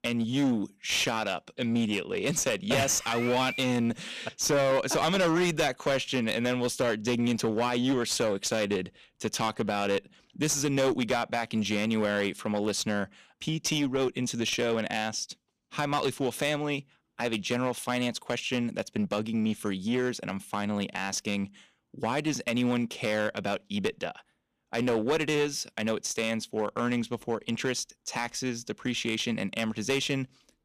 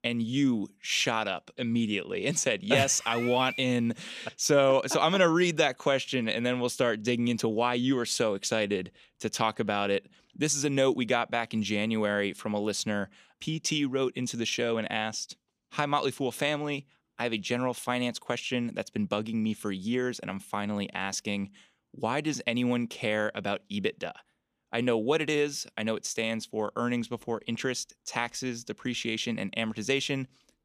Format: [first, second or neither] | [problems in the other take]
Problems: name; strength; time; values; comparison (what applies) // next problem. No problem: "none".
second | distortion; slight; 9% of the sound clipped